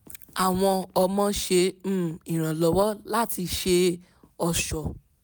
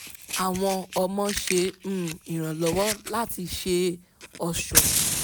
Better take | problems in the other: first | background sound (Fire); 3 dB below the speech

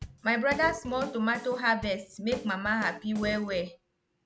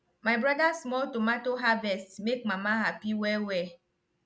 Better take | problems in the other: second | background sound (Burping, eructation + Drum / Drum kit); 13 dB below the speech

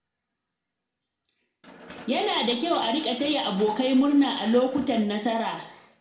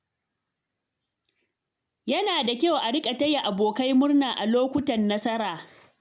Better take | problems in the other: second | background sound (Mechanisms); 18 dB below the speech // room echo; dies away in 0.6 s

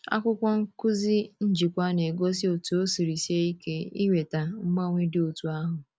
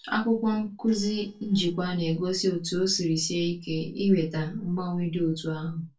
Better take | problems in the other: first | noise reduction (neural separator model SepFormer DNS4)

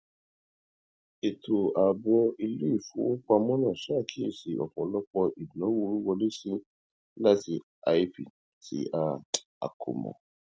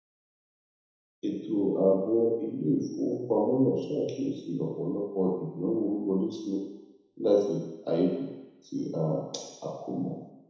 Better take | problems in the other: first | room echo; dies away in 1 s

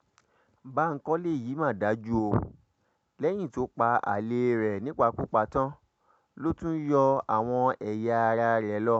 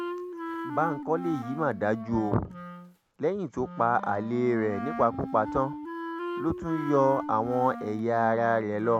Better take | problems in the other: first | background sound (Wind instrument, woodwind instrument); 9 dB below the speech

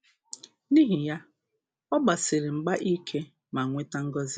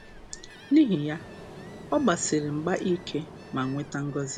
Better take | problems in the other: first | background sound (Ocean); 16 dB below the speech

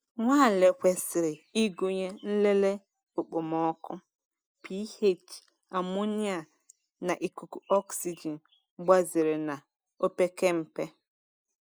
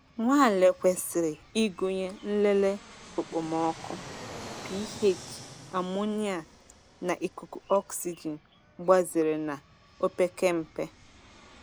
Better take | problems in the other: first | background sound (Fixed-wing aircraft, airplane); 19 dB below the speech

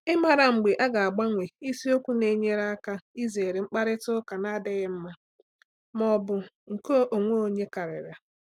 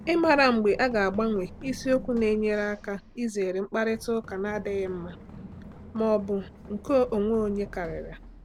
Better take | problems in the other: first | background sound (Run); 16 dB below the speech

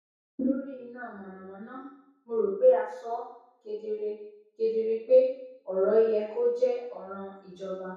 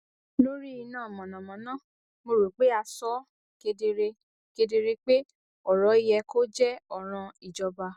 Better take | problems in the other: second | room echo; dies away in 0.7 s

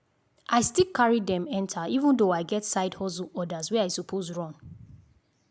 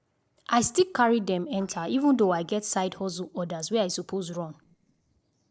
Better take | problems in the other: first | noise reduction (neural separator model SepFormer DNS4)

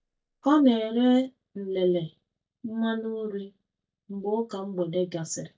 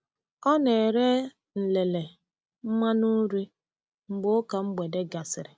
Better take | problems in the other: second | noise reduction (neural mask model DeepFilterNet 3)

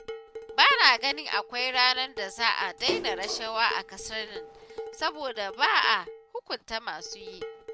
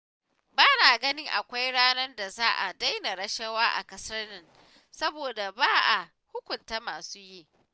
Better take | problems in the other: second | background sound (Splash, splatter + Dishes, pots, and pans); 12 dB below the speech

